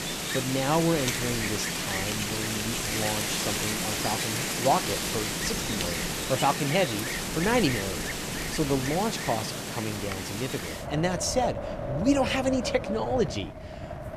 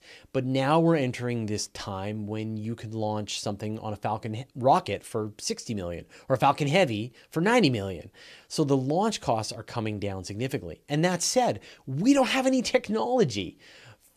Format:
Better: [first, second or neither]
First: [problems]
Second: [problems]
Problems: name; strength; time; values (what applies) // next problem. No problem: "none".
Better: second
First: wind in the background; loud; throughout; 1 dB below the speech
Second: none